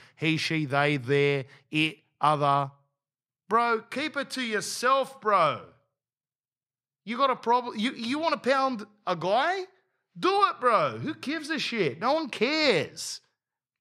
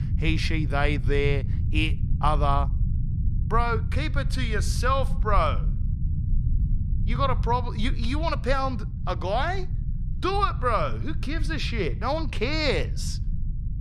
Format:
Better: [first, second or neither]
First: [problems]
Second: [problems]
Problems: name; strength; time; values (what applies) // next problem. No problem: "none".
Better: first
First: none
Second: low rumble; noticeable; throughout; 15 dB below the speech